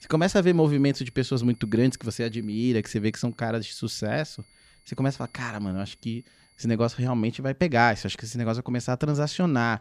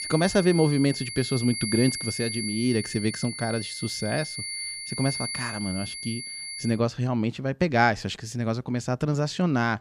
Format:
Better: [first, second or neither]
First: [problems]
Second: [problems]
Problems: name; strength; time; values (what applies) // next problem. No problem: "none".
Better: first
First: high-pitched whine; faint; until 6.5 s; 4.5 kHz, 35 dB below the speech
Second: high-pitched whine; loud; until 6.5 s; 4.5 kHz, 6 dB below the speech